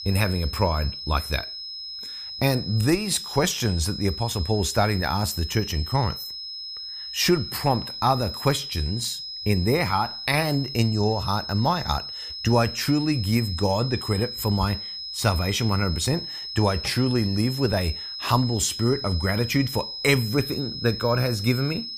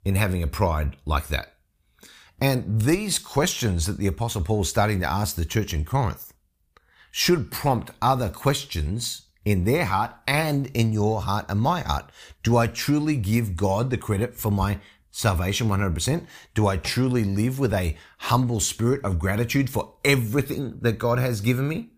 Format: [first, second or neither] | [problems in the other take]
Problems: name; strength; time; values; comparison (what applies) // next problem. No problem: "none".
second | high-pitched whine; loud; throughout; 5 kHz, 7 dB below the speech